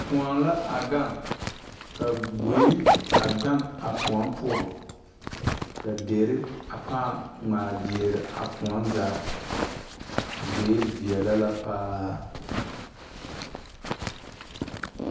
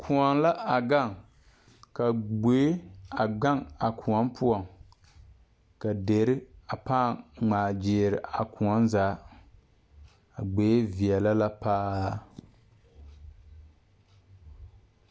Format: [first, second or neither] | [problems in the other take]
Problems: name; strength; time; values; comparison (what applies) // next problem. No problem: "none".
second | background sound (Zipper (clothing)); 2 dB below the speech // room echo; dies away in 0.9 s